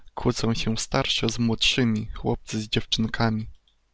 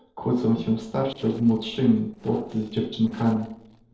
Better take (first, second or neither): first